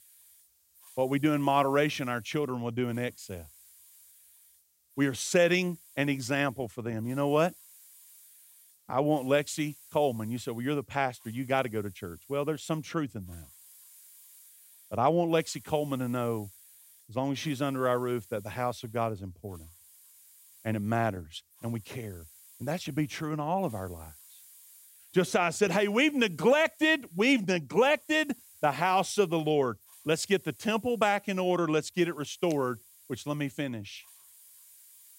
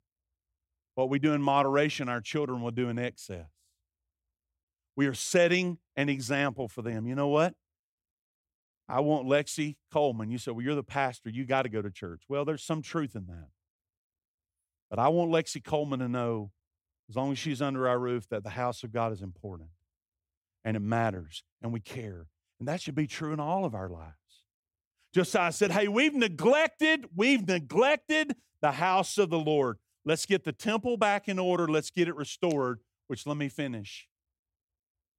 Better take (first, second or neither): second